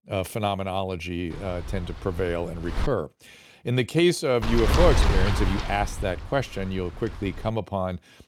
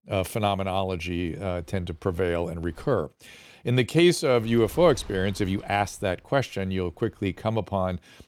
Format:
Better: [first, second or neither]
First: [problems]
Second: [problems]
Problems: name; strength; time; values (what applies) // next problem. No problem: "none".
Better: second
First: wind noise on the microphone; heavy; from 1.5 to 3 s and from 4.5 to 7.5 s; 3 dB below the speech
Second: wind noise on the microphone; occasional gusts; from 1.5 to 3 s and from 4.5 to 7.5 s; 25 dB below the speech